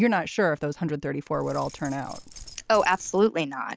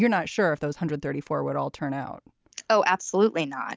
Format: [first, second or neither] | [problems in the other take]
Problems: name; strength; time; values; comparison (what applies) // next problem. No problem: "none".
second | background sound (Keys jangling); 19 dB below the speech